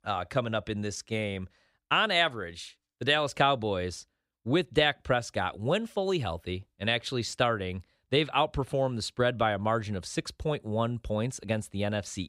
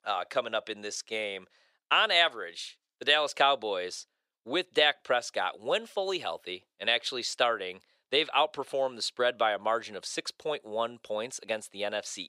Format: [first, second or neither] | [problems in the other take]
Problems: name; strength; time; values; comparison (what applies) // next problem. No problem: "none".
first | thin; very; fading below 500 Hz